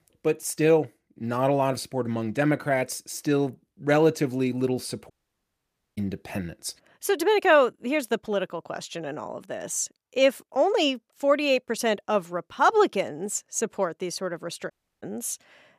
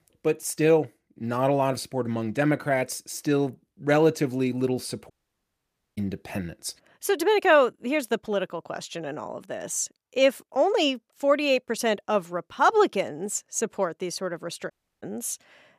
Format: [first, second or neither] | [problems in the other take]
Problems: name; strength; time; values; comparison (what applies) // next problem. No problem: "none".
neither | audio cutting out; at 5 s for 1 s and at 15 s; the same in both